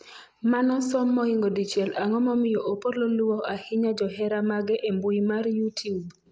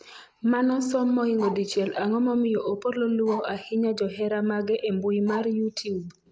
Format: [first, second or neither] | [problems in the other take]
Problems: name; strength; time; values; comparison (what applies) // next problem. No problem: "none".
first | background sound (Bark); 18 dB below the speech